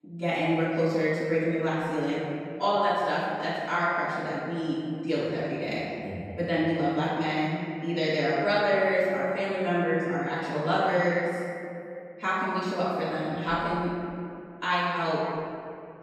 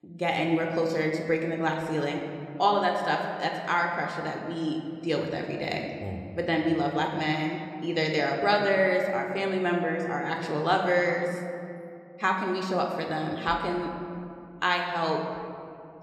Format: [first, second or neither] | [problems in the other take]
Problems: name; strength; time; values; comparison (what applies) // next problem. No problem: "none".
second | room echo; strong; dies away in 2.2 s; slight in the second // off-mic speech; far